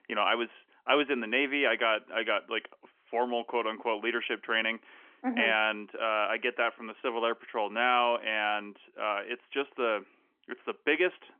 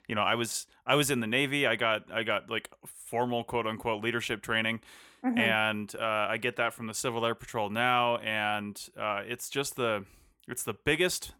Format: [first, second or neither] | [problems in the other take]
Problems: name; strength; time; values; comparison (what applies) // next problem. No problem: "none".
second | phone-call audio; nothing above 3.5 kHz